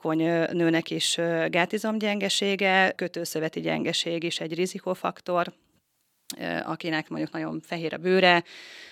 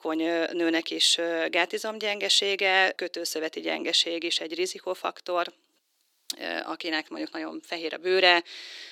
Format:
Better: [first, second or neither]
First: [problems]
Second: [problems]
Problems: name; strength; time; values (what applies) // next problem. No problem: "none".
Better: first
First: none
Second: thin; somewhat; fading below 350 Hz